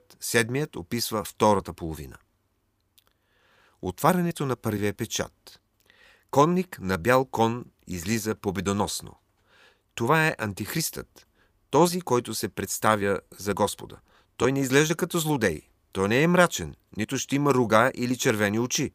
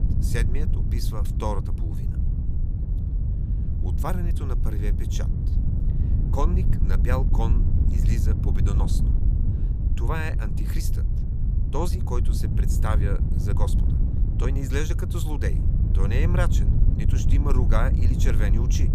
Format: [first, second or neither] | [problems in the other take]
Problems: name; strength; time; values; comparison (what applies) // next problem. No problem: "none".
first | wind noise on the microphone; heavy; 5 dB below the speech